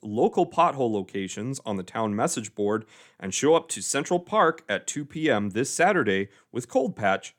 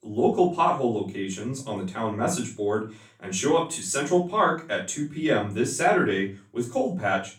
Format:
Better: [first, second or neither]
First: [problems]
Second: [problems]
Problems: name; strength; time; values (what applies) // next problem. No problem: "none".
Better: first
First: none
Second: off-mic speech; far // room echo; slight; dies away in 0.3 s